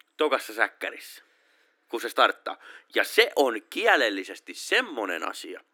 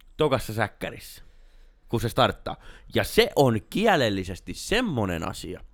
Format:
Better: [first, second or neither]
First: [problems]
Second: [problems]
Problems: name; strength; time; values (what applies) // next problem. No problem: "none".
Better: second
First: thin; somewhat; fading below 300 Hz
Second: none